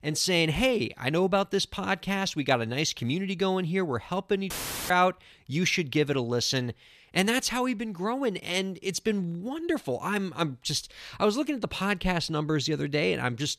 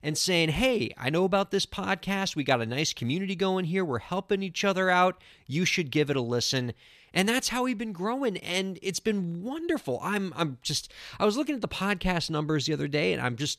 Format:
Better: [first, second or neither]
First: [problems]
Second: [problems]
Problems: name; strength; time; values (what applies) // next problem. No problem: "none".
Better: second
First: audio cutting out; filled with static; at 4.5 s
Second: none